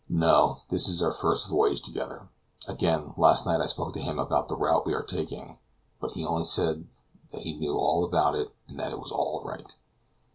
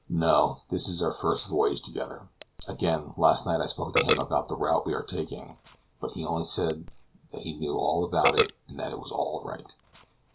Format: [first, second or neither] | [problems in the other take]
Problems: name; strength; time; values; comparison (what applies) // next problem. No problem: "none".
first | background sound (Burping, eructation); 7 dB below the speech